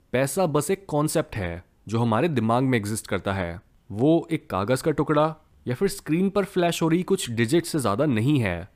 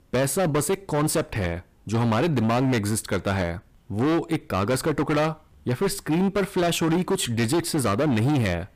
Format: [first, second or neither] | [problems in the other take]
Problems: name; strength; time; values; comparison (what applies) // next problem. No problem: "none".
first | distortion; heavy; 20% of the sound clipped